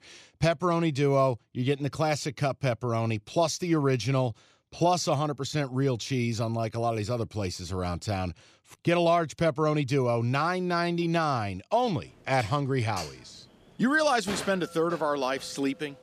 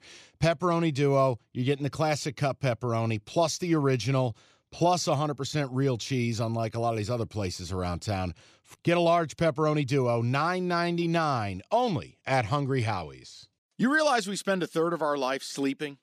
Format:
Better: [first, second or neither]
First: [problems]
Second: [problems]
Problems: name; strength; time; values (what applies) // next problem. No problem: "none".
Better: second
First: clattering dishes; noticeable; from 12 s on; peak 8 dB below the speech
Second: none